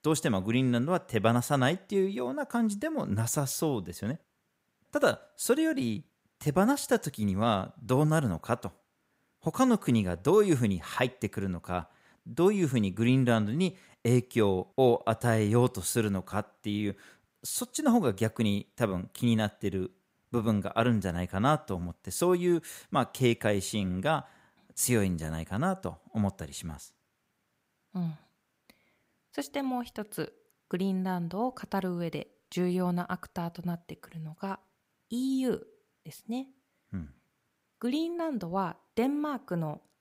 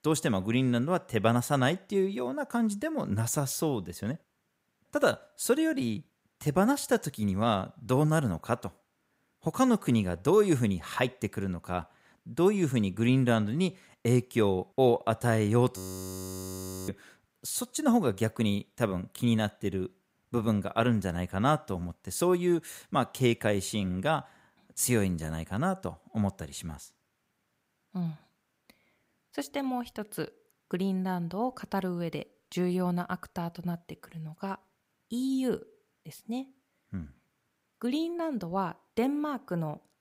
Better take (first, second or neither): first